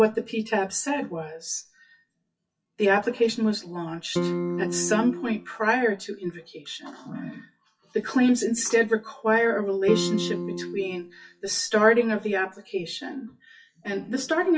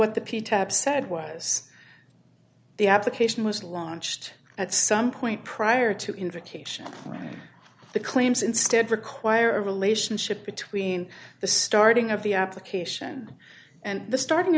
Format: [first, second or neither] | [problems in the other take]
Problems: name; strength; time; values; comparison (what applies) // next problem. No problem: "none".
second | noise reduction (classical method WPE with log-MMSE)